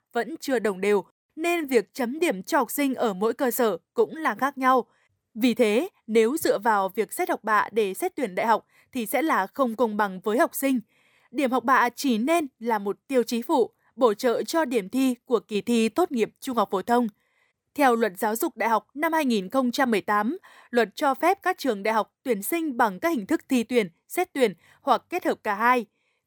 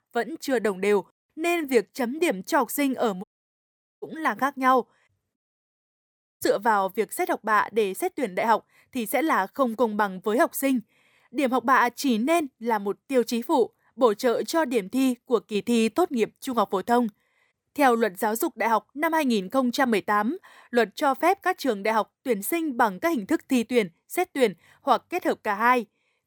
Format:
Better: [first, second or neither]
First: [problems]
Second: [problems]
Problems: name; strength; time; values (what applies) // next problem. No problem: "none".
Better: first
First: none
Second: audio cutting out; at 3 s for 1 s and at 5.5 s for 1 s